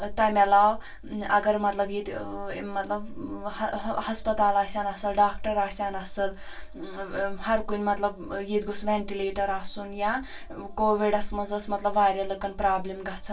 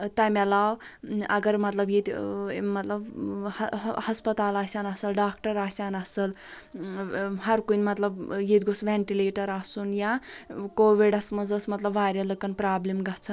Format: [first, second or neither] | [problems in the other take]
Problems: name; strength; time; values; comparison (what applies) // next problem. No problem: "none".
second | room echo; dies away in 0.2 s